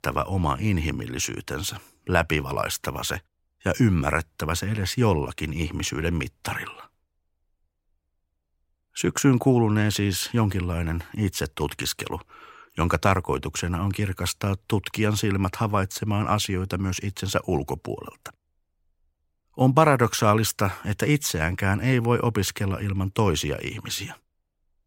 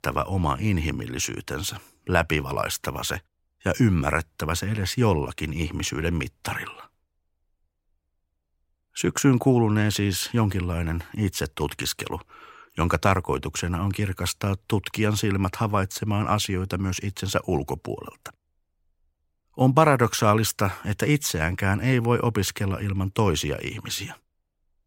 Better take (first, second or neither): neither